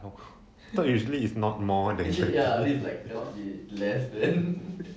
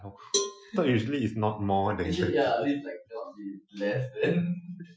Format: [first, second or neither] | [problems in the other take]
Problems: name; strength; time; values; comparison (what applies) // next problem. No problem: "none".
first | noise reduction (classical method Wiener filter)